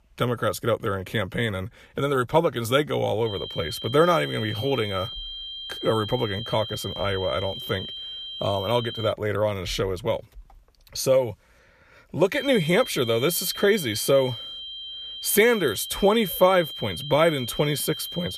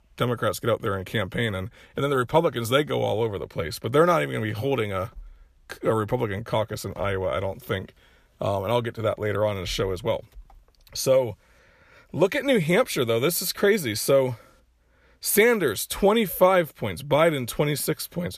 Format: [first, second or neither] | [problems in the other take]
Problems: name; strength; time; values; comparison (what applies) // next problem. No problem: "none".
second | high-pitched whine; loud; from 3.5 to 9 s and from 12 s on; 3 kHz, 9 dB below the speech